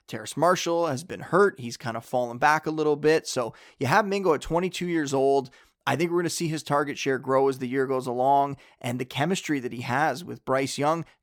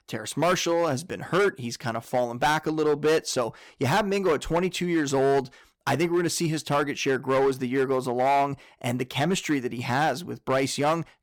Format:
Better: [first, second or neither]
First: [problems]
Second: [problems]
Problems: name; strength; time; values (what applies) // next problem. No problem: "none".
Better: first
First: none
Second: distortion; slight; 8% of the sound clipped